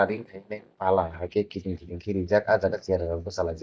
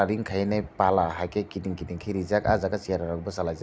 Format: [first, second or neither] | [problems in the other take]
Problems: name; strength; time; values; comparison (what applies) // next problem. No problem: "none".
second | noise reduction (neural mask model DeepFilterNet 3)